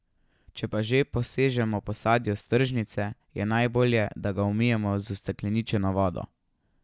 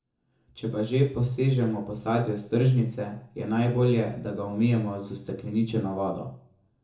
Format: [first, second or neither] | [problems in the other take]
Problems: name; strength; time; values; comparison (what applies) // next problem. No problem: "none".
first | room echo; dies away in 0.6 s